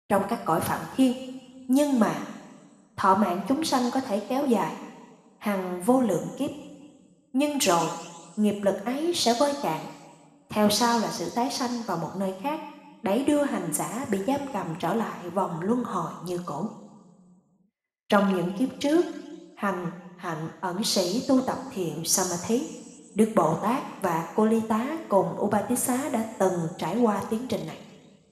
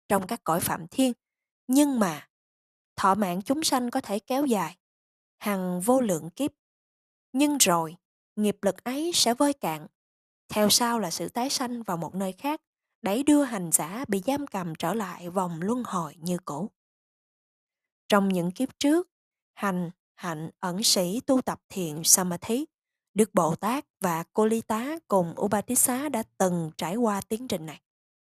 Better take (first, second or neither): second